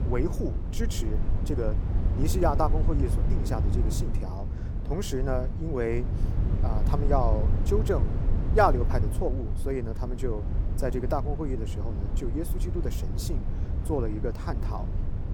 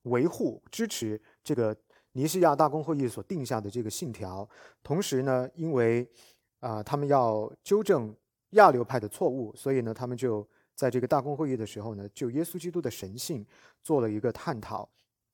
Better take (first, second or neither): second